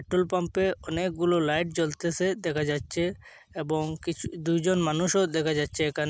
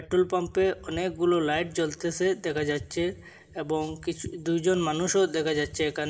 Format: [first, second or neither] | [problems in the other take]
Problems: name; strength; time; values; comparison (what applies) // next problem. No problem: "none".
first | room echo; dies away in 2.8 s